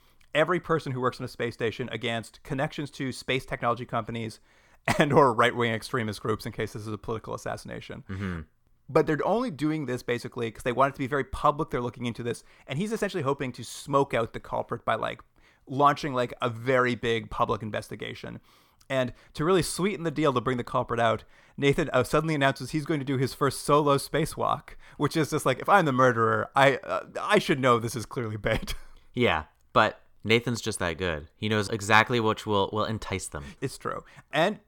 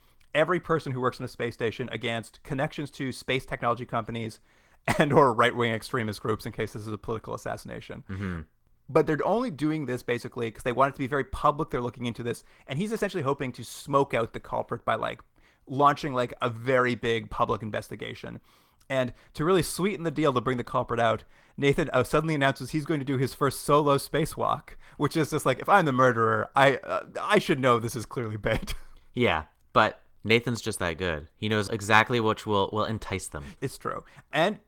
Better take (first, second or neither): first